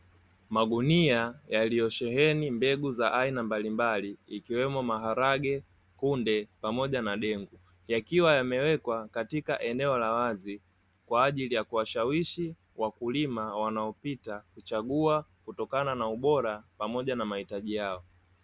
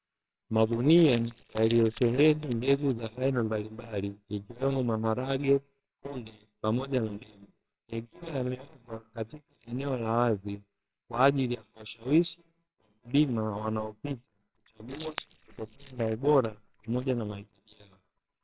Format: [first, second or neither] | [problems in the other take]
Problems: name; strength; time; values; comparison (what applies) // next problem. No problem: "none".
first | noise reduction (neural separator model SepFormer WHAMR!)